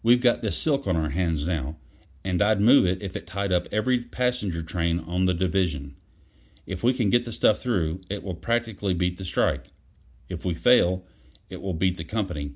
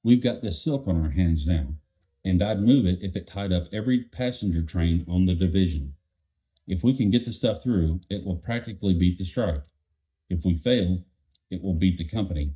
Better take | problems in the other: first | noise reduction (neural mask model DeepFilterNet 3)

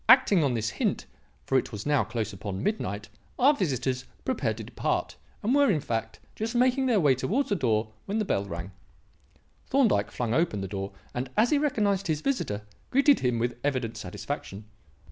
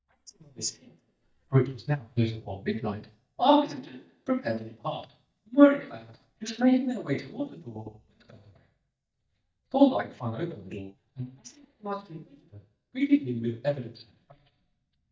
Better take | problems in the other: first | noise reduction (neural mask model DeepFilterNet 3)

